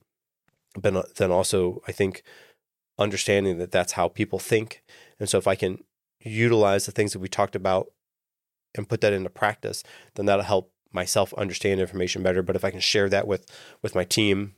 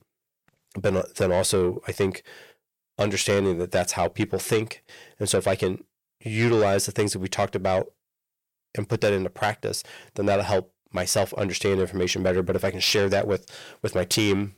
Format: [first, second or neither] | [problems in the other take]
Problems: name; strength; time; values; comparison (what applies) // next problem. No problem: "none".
first | distortion; slight; 10 dB below the speech